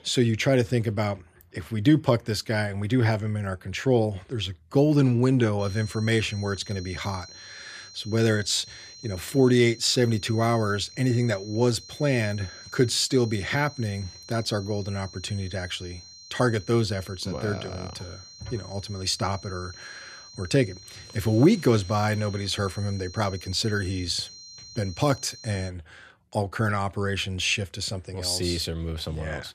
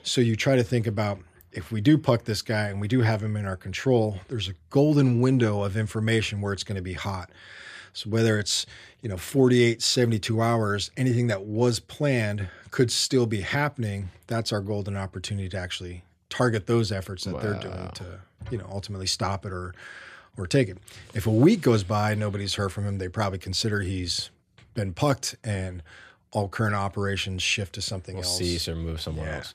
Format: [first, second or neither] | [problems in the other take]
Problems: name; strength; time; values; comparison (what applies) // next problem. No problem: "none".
second | high-pitched whine; noticeable; from 5.5 to 26 s; 4 kHz, 15 dB below the speech